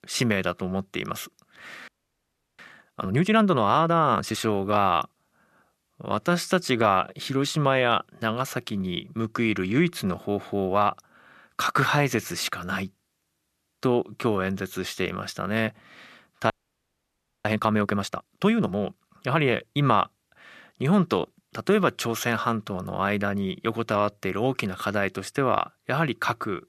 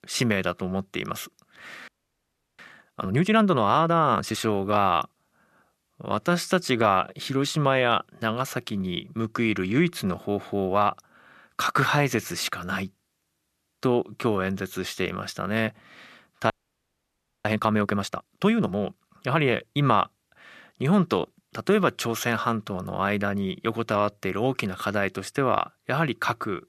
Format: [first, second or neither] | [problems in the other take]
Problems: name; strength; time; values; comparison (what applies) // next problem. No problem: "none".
neither | audio freezing; at 2 s for 0.5 s and at 17 s for 1 s; the same in both